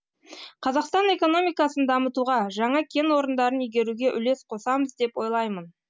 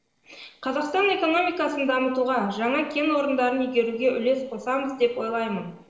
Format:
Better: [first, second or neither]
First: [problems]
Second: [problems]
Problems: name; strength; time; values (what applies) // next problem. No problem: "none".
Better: first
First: none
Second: noise reduction (neural separator model SepFormer DNS4)